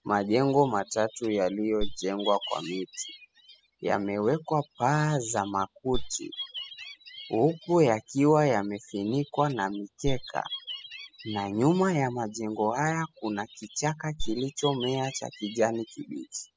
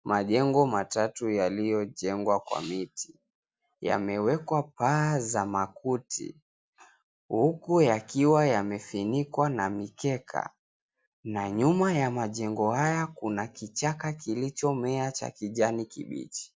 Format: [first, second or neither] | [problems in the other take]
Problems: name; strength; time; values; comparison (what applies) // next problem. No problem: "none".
second | noise reduction (classical method spectral subtraction)